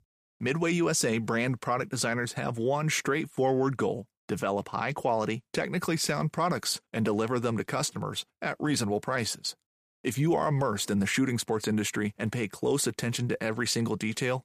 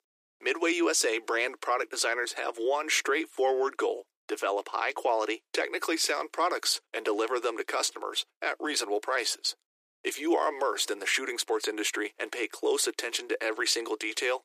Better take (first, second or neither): first